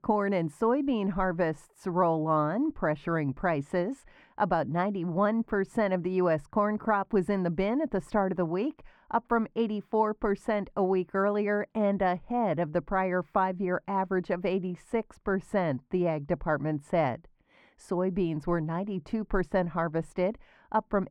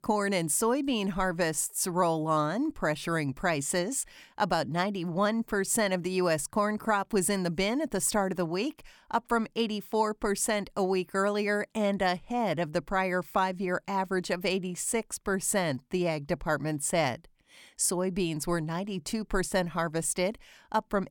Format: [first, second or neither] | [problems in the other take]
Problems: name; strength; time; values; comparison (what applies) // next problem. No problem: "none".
second | muffled; very; fading above 3.5 kHz